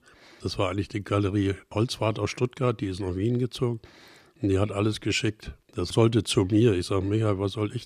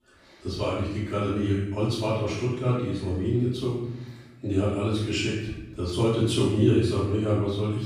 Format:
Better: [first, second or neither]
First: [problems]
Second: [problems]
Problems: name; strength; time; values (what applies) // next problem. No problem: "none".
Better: first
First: none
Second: off-mic speech; far // room echo; strong; dies away in 0.8 s